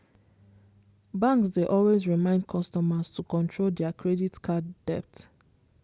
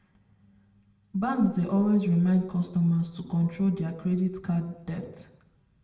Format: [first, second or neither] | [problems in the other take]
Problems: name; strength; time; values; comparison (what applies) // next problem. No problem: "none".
first | room echo; dies away in 0.7 s